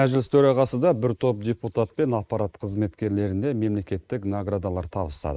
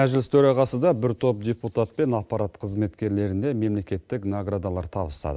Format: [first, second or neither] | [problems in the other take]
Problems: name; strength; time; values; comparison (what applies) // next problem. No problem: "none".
second | noise reduction (neural mask model Resemble Enhance denoiser)